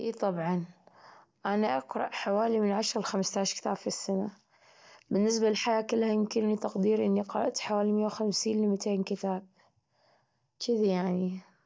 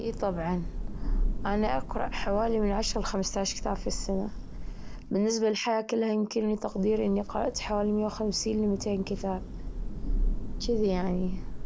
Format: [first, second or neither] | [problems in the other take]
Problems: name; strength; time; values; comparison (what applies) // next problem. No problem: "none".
first | background sound (Thunder / Rain); 3 dB below the speech